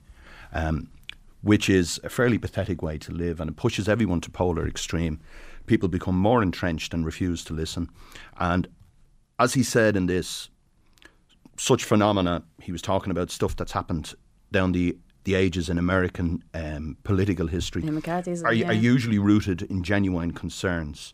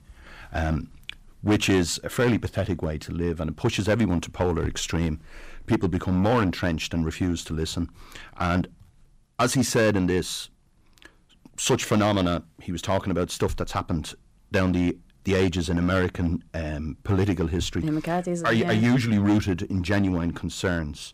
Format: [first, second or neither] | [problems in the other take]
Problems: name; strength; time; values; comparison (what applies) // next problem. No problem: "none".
first | distortion; slight; 5% of the sound clipped